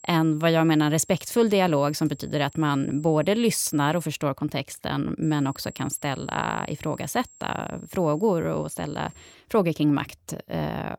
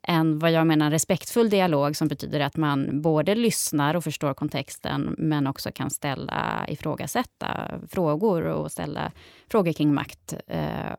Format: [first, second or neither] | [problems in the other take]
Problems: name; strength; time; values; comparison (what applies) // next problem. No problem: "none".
second | high-pitched whine; faint; until 4 s and from 5 to 9.5 s; 7.5 kHz, 25 dB below the speech